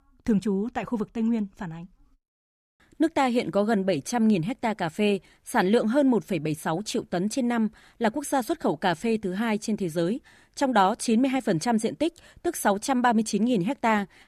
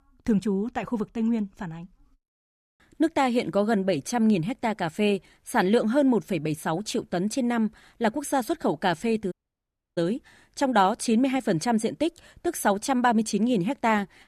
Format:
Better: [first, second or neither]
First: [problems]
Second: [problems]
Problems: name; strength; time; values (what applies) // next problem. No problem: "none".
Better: first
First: none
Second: audio cutting out; at 9.5 s for 0.5 s